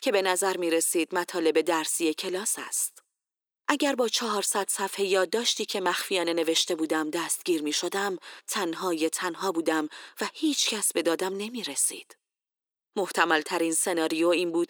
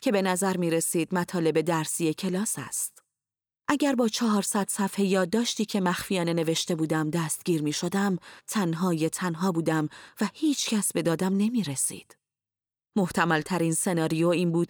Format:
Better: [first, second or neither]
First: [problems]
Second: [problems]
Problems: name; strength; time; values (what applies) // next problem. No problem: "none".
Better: second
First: thin; somewhat; fading below 350 Hz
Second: none